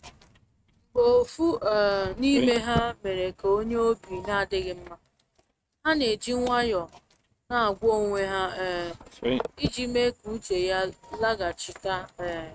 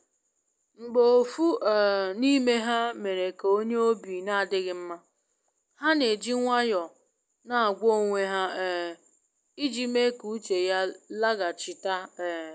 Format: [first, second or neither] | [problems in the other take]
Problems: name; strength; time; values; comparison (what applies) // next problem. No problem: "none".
second | noise reduction (neural mask model RNNoise)